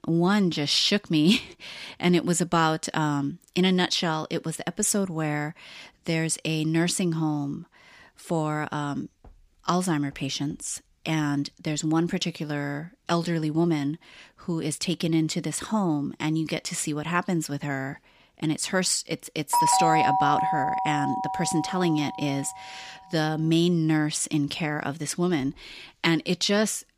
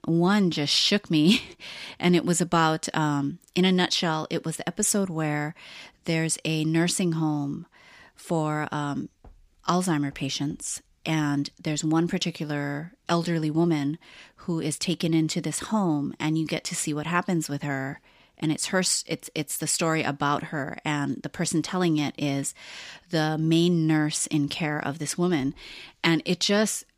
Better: second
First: doorbell; loud; from 20 to 22 s; peak 5 dB above the speech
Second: none

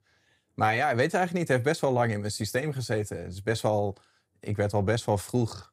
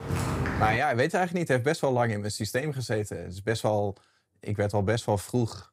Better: first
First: none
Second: footsteps; noticeable; at the start; peak 1 dB below the speech

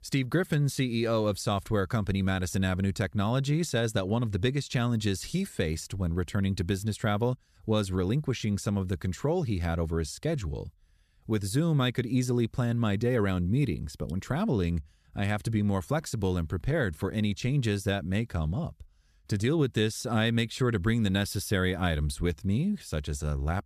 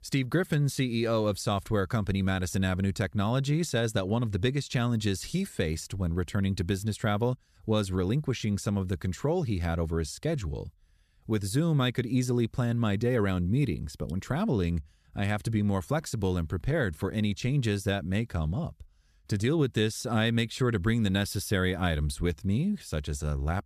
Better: neither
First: none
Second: none

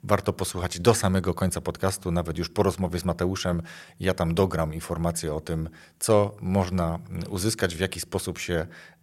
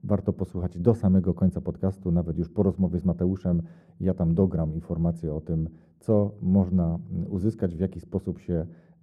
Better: first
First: none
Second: muffled; very; fading above 1 kHz

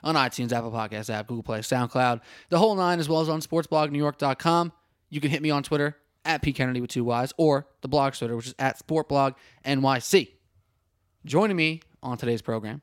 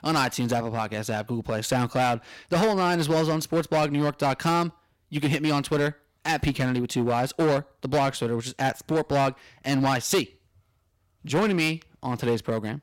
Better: first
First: none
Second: distortion; heavy; 9% of the sound clipped

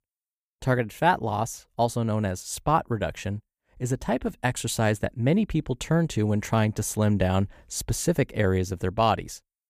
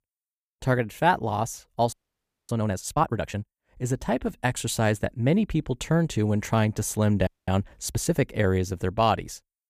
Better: first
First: none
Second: audio freezing; at 2 s for 0.5 s and at 7.5 s

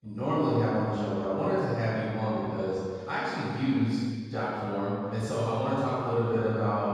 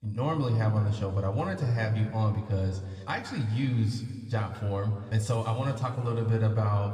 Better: second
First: room echo; strong; dies away in 2.1 s // off-mic speech; far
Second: room echo; slight; dies away in 2 s

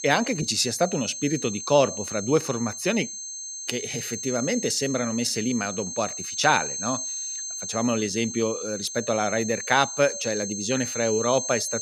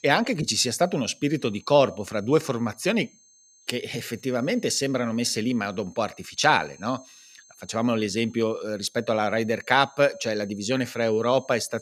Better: second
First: high-pitched whine; loud; throughout; 6.5 kHz, 6 dB below the speech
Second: high-pitched whine; faint; throughout; 6.5 kHz, 30 dB below the speech

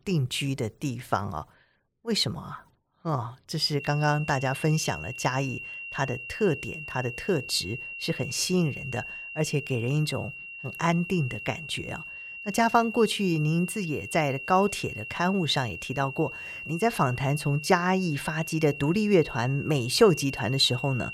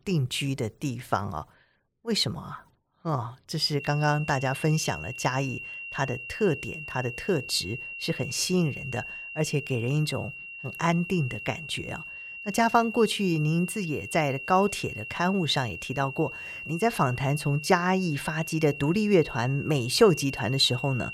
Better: neither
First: high-pitched whine; loud; from 4 s on; 2.5 kHz, 10 dB below the speech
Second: high-pitched whine; loud; from 4 s on; 2.5 kHz, 10 dB below the speech

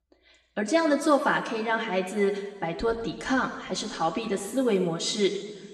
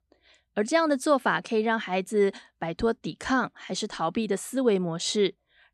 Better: second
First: room echo; slight; dies away in 1.4 s // off-mic speech; somewhat distant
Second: none

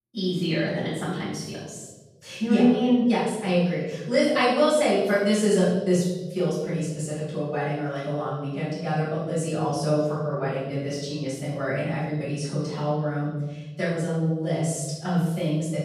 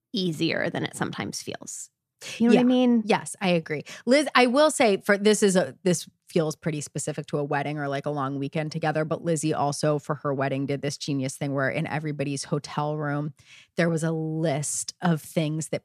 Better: second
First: room echo; strong; dies away in 1.2 s // off-mic speech; far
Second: none

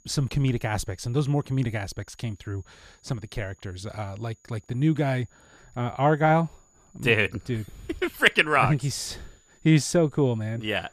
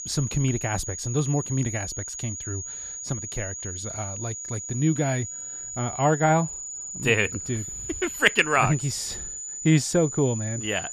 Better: first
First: high-pitched whine; faint; throughout; 7 kHz, 35 dB below the speech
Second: high-pitched whine; loud; throughout; 7 kHz, 7 dB below the speech

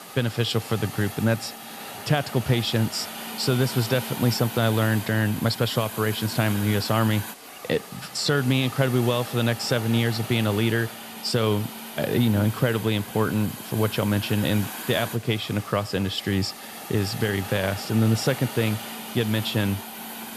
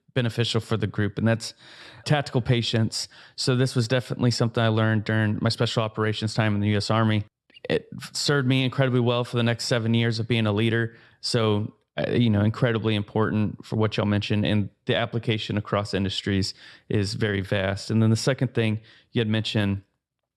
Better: second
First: hiss; noticeable; throughout; 10 dB below the speech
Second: none

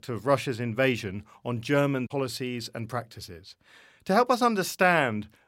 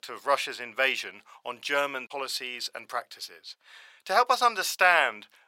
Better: first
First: none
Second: thin; very; fading below 850 Hz

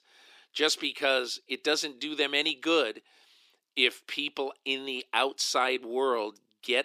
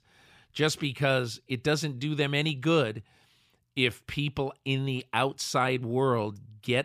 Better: second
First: thin; somewhat; fading below 300 Hz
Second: none

